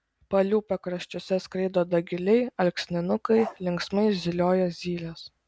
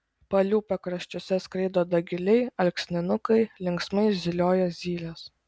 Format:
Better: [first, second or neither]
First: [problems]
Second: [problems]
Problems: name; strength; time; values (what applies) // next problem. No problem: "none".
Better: second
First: background sound (Bark); 13 dB below the speech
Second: none